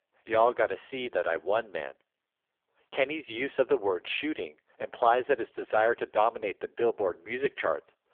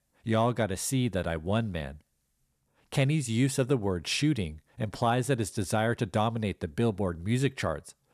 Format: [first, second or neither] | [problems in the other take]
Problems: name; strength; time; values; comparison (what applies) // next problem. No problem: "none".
second | phone-call audio; poor line; nothing above 3.5 kHz